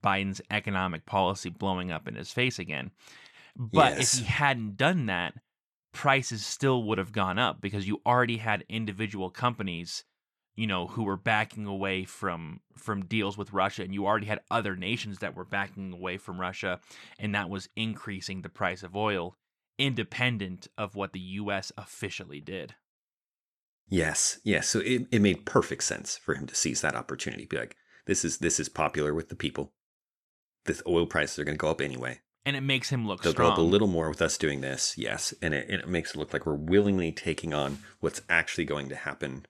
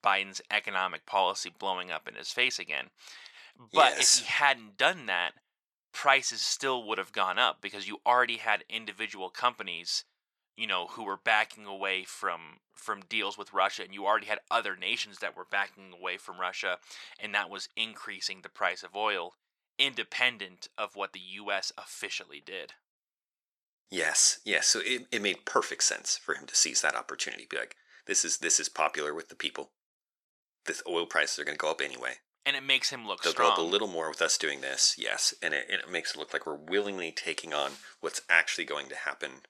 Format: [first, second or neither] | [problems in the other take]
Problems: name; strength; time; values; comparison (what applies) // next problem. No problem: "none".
first | thin; very; fading below 600 Hz